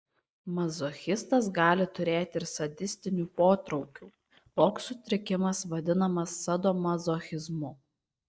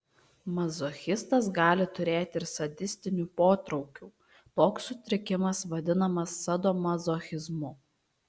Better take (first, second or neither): second